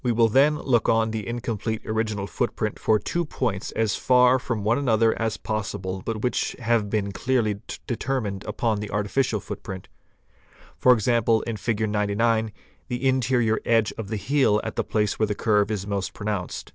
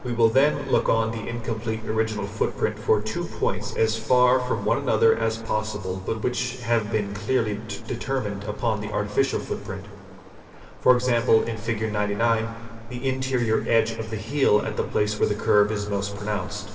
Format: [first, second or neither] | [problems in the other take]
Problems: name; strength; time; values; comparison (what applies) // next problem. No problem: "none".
first | background sound (Waves, surf); 13 dB below the speech // room echo; dies away in 1.8 s